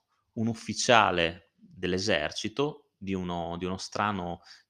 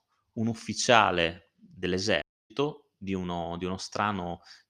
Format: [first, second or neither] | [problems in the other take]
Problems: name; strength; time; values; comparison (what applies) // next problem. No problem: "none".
first | audio cutting out; at 2 s